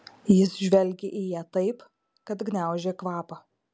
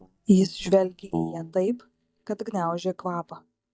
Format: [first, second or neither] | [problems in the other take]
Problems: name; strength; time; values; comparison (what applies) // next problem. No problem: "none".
first | noise reduction (neural mask model DeepFilterNet 3)